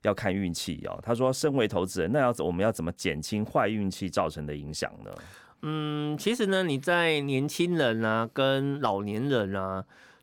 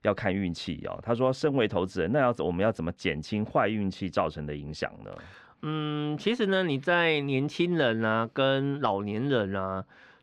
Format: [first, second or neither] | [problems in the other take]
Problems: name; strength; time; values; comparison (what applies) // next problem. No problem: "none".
first | muffled; very slightly; fading above 3 kHz